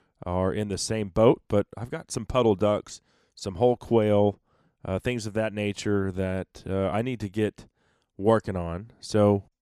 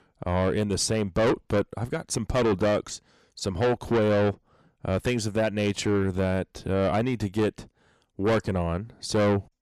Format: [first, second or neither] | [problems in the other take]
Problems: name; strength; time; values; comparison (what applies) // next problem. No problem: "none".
first | distortion; heavy; 6 dB below the speech